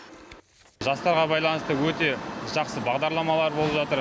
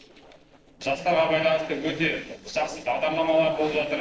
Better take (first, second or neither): first